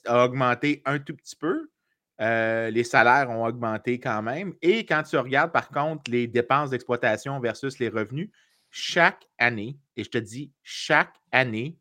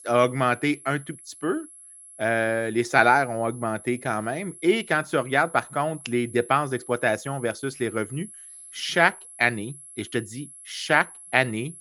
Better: first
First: none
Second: high-pitched whine; noticeable; throughout; 11 kHz, 20 dB below the speech

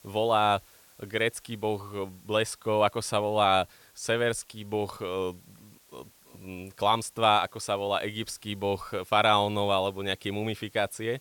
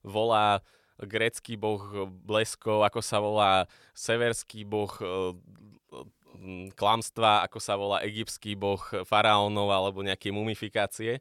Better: second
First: hiss; faint; throughout; 30 dB below the speech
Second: none

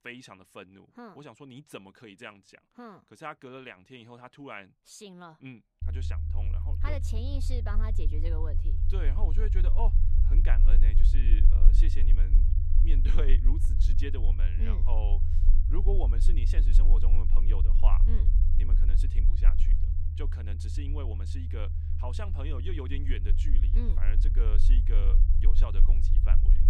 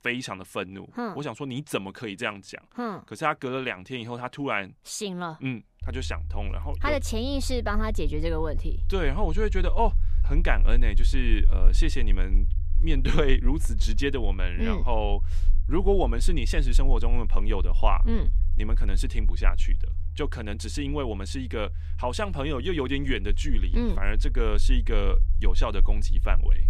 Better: second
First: low rumble; loud; from 6 s on; 5 dB below the speech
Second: low rumble; faint; from 6 s on; 20 dB below the speech

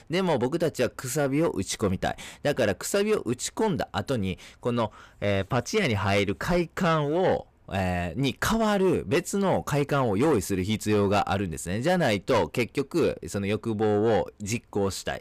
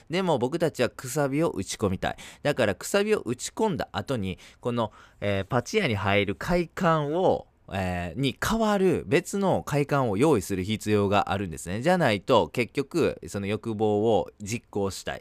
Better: second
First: distortion; slight; 10 dB below the speech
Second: none

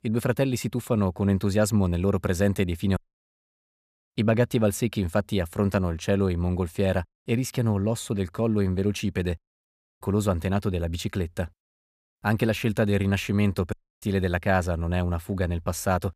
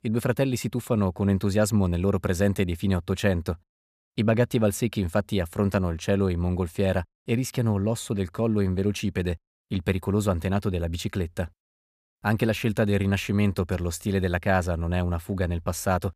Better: second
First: audio cutting out; at 3 s for 0.5 s, at 9.5 s and at 14 s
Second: none

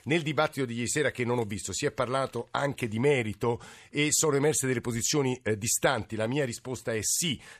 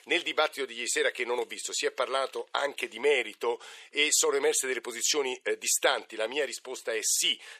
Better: first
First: none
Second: thin; very; fading below 400 Hz

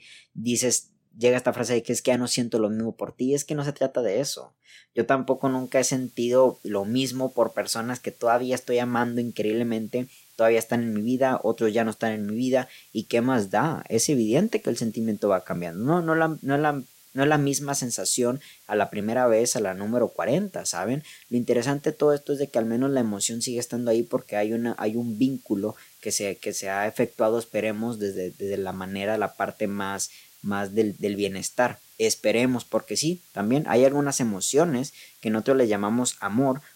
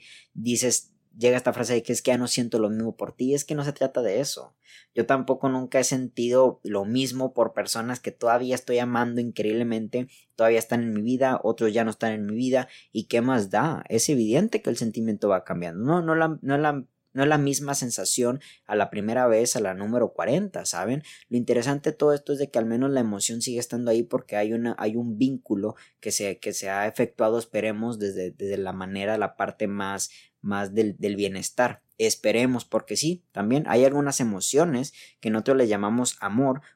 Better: second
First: hiss; faint; from 5.5 s on; 25 dB below the speech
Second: none

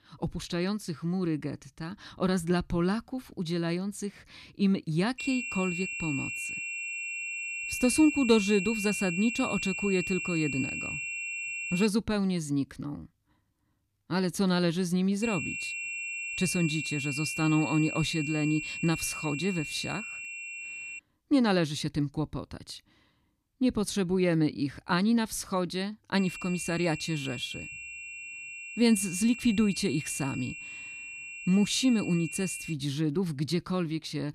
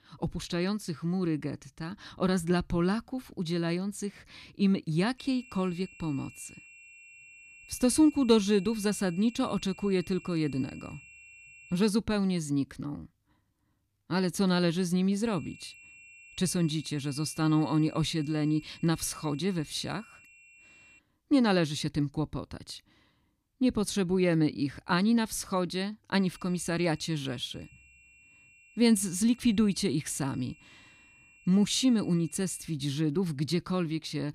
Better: second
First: high-pitched whine; loud; from 5 to 12 s, from 15 to 21 s and from 26 to 33 s; 2.5 kHz, 6 dB below the speech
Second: high-pitched whine; faint; from 5 to 12 s, from 15 to 21 s and from 26 to 33 s; 2.5 kHz, 25 dB below the speech

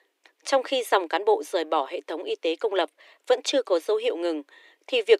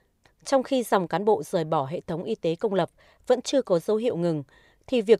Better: second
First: thin; somewhat; fading below 300 Hz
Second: none

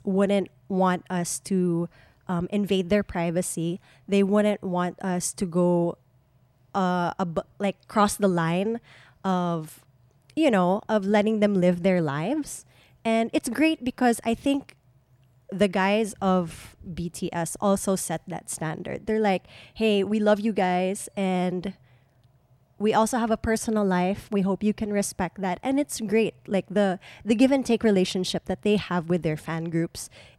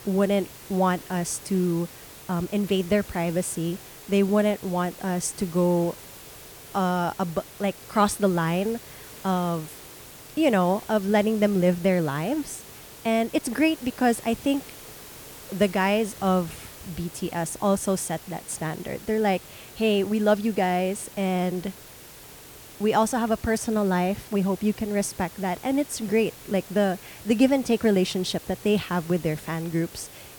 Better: first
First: none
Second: hiss; noticeable; throughout; 15 dB below the speech

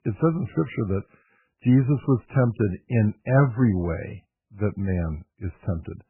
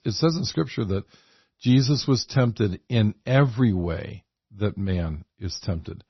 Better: second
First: garbled, watery; badly; nothing above 2.5 kHz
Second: garbled, watery; slightly; nothing above 6 kHz

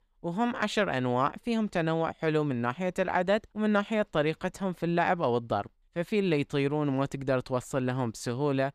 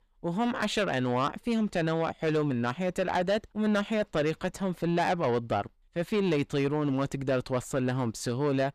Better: first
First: none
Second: distortion; slight; 10 dB below the speech

